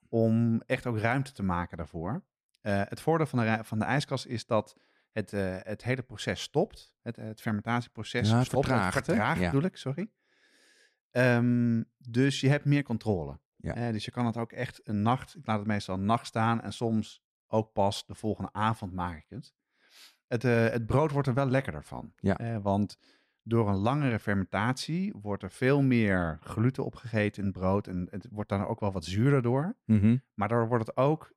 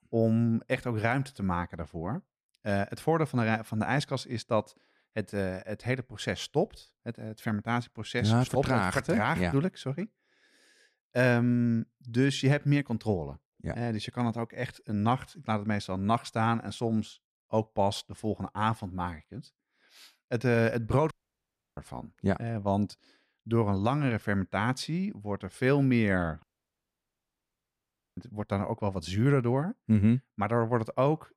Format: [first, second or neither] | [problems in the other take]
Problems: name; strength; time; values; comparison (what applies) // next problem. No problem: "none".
first | audio cutting out; at 21 s for 0.5 s and at 26 s for 1.5 s